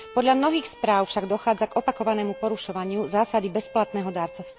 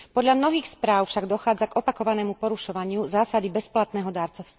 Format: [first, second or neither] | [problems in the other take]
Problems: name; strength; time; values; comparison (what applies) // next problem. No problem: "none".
second | background sound (Bowed string instrument); 18 dB below the speech